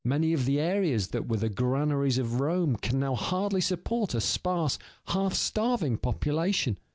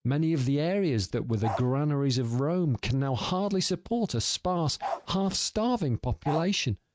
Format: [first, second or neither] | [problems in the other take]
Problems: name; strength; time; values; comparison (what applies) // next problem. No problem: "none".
first | noise reduction (neural mask model RNNoise)